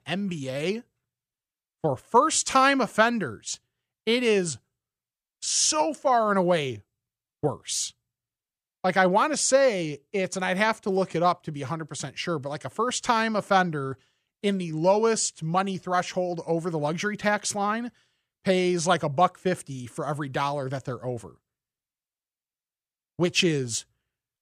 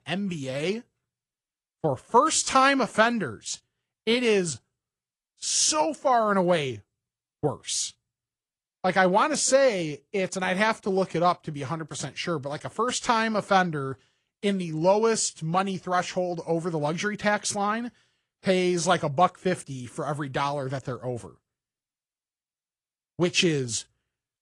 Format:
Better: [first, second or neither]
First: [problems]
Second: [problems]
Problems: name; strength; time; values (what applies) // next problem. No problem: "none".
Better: first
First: none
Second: garbled, watery; slightly; nothing above 9 kHz